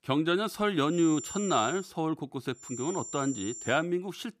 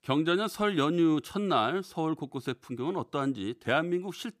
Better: second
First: high-pitched whine; loud; at 1 s and from 2.5 to 4 s; 7.5 kHz, 10 dB below the speech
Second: none

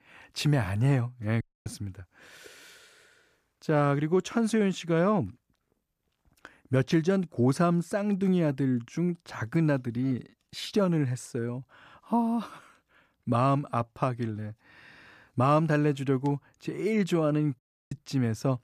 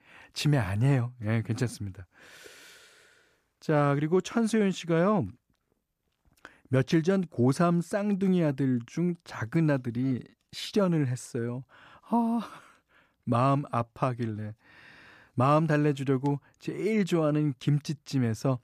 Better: second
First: audio cutting out; at 1.5 s and at 18 s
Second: none

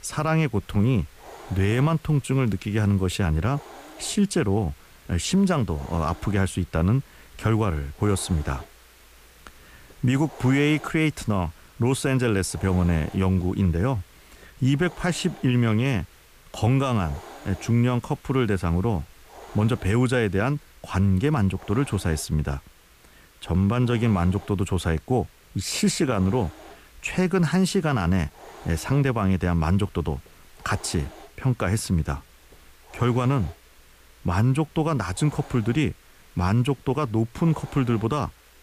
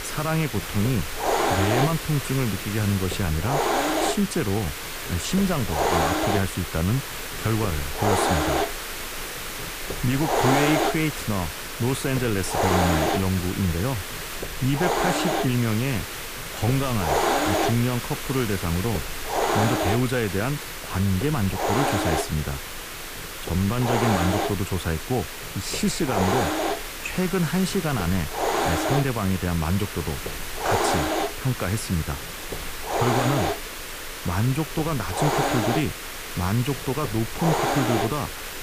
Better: first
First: hiss; faint; throughout; 25 dB below the speech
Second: hiss; loud; throughout; 1 dB below the speech

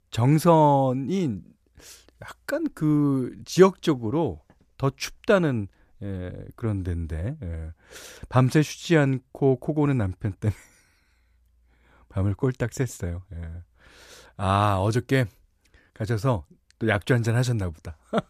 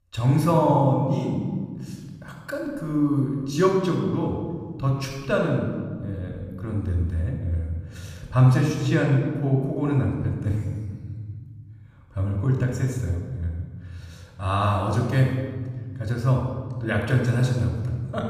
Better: first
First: none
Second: off-mic speech; somewhat distant // room echo; noticeable; dies away in 1.8 s

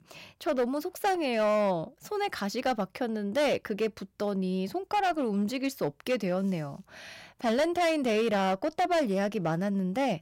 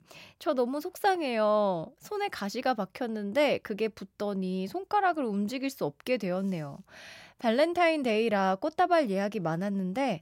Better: second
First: distortion; slight; 8% of the sound clipped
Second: none

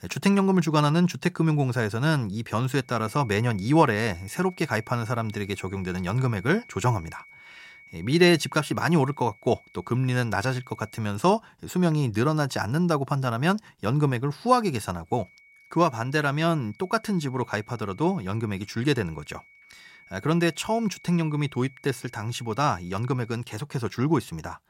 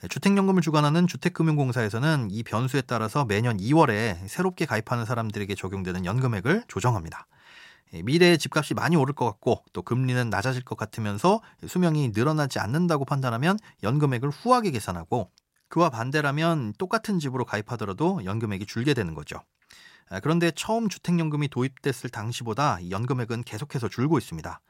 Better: second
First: high-pitched whine; faint; from 3 to 11 s and from 15 to 23 s; 2 kHz, 25 dB below the speech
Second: none

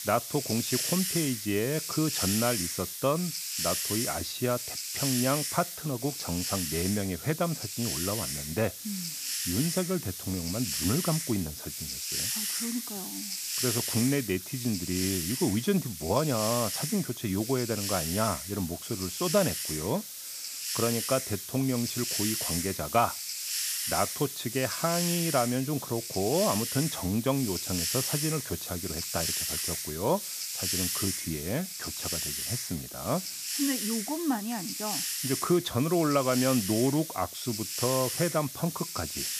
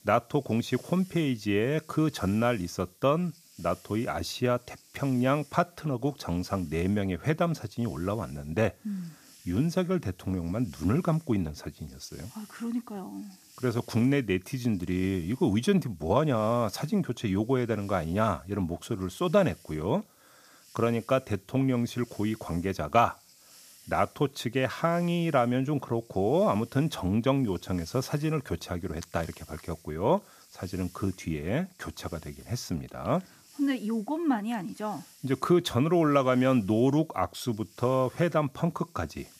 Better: second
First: hiss; loud; throughout; 1 dB below the speech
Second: hiss; faint; throughout; 25 dB below the speech

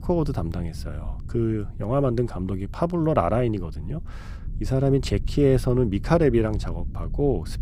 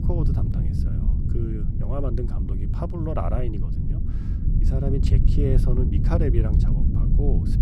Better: first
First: low rumble; faint; throughout; 25 dB below the speech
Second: low rumble; loud; throughout; 3 dB below the speech

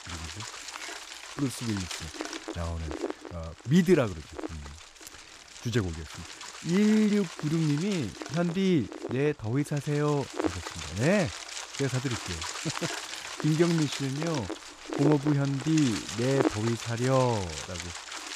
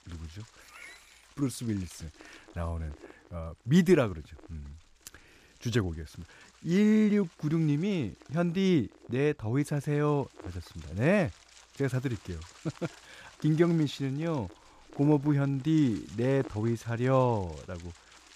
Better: second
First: wind noise on the microphone; heavy; 5 dB below the speech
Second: wind noise on the microphone; occasional gusts; 20 dB below the speech

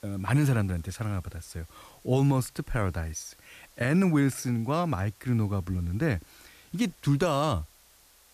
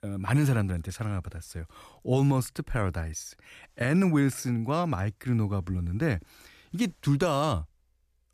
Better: second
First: hiss; faint; throughout; 30 dB below the speech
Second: none

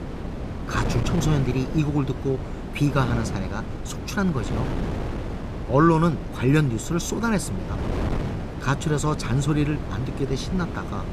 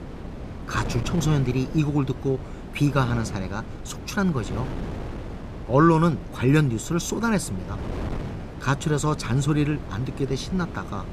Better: second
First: wind noise on the microphone; heavy; 8 dB below the speech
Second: wind noise on the microphone; occasional gusts; 10 dB below the speech

